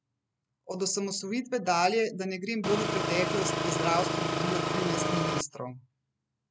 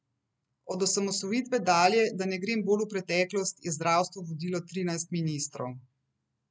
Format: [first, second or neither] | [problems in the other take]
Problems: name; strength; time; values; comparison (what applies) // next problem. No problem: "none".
second | background sound (Engine); 2 dB above the speech